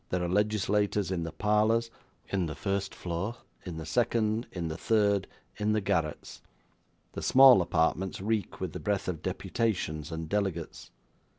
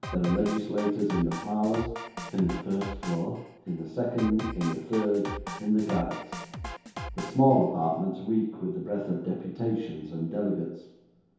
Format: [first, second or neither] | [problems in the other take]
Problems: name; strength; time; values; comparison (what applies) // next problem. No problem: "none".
first | background sound (Drum kit); 10 dB below the speech // room echo; dies away in 0.8 s